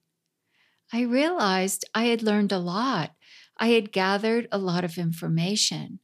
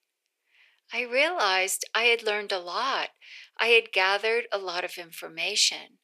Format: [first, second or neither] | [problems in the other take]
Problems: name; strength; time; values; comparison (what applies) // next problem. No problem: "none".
first | thin; very; fading below 450 Hz